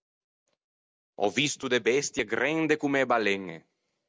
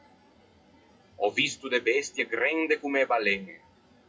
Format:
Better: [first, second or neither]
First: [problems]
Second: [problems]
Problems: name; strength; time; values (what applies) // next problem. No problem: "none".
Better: first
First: none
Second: noise reduction (classical method WPE with log-MMSE)